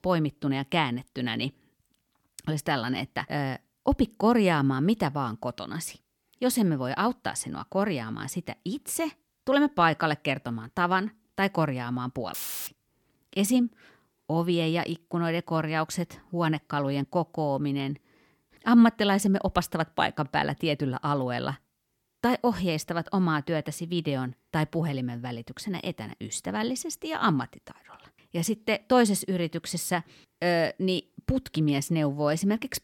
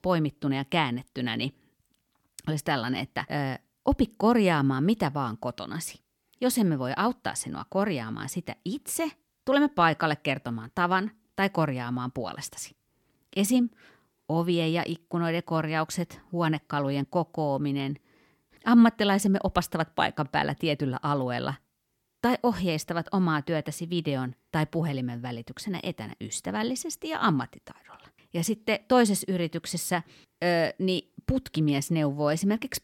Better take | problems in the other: second | audio cutting out; filled with static; at 12 s

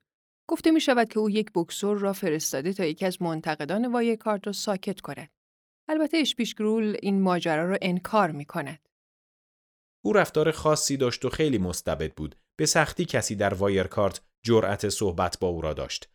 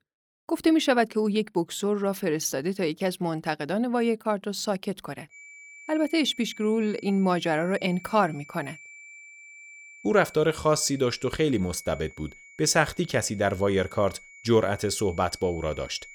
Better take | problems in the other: first | high-pitched whine; faint; from 5.5 s on; 2.5 kHz, 20 dB below the speech

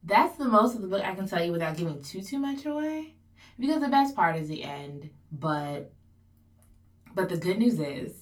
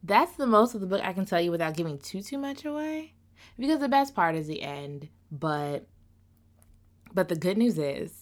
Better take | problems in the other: second | off-mic speech; far // room echo; very slight; dies away in 0.2 s

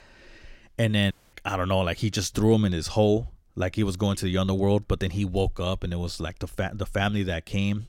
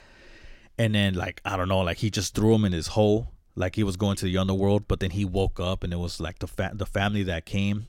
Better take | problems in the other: second | audio cutting out; at 1 s

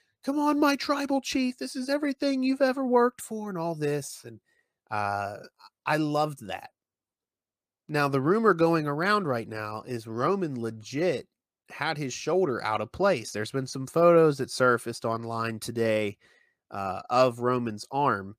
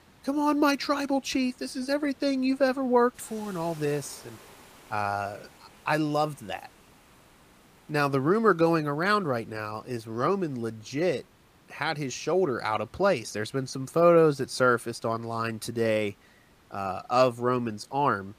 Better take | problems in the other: first | hiss; faint; throughout; 30 dB below the speech

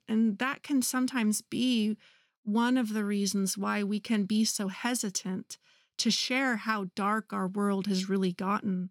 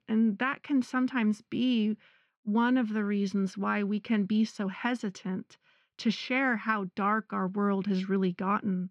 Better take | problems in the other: first | muffled; very; fading above 2 kHz

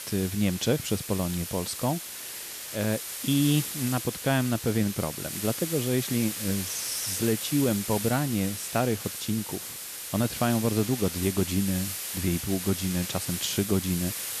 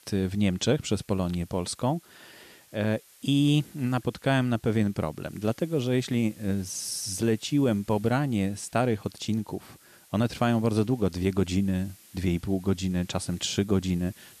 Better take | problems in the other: second | hiss; loud; throughout; 5 dB below the speech; faint in the second

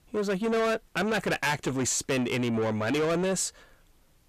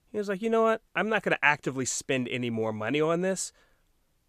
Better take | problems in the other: second | distortion; heavy; 6 dB below the speech

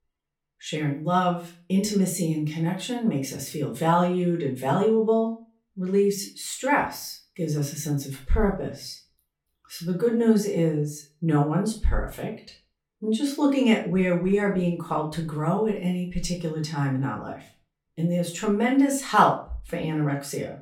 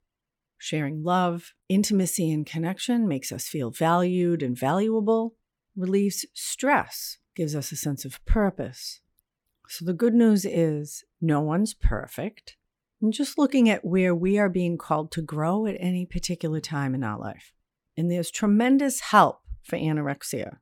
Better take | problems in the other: second | off-mic speech; far // room echo; slight; dies away in 0.3 s

